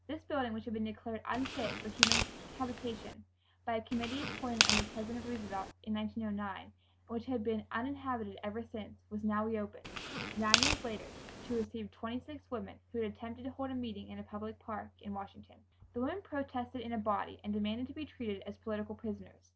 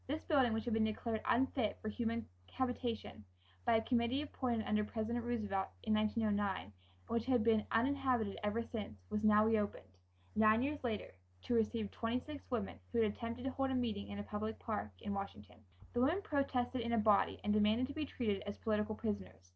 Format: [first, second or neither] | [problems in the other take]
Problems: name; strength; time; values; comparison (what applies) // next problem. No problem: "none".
second | background sound (Tearing); 3 dB above the speech